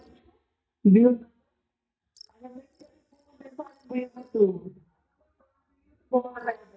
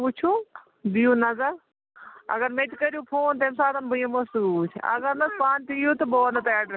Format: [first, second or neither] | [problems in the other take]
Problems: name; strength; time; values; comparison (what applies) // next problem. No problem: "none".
second | noise reduction (neural mask model DeepFilterNet 3)